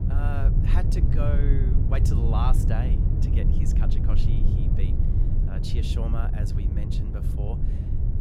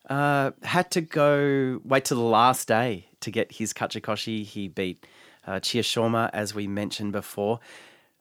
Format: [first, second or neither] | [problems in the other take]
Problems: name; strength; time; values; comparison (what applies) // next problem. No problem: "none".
second | low rumble; loud; throughout; 1 dB below the speech